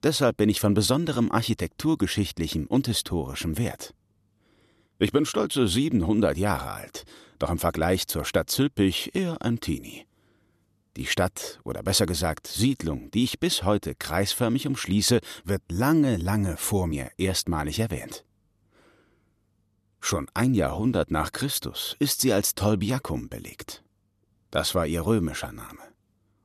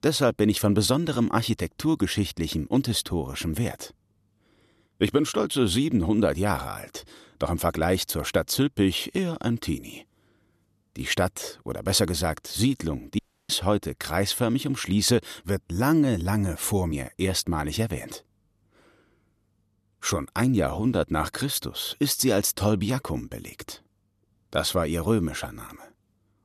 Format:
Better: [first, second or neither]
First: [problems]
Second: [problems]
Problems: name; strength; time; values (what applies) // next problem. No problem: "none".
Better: first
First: none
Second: audio cutting out; at 13 s